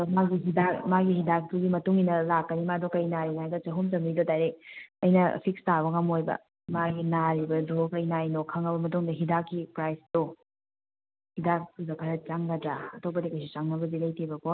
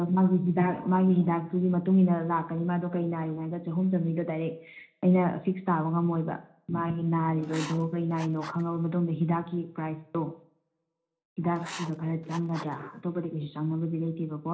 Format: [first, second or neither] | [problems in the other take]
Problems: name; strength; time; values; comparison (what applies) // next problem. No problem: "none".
first | background sound (Writing); 16 dB below the speech // room echo; dies away in 0.4 s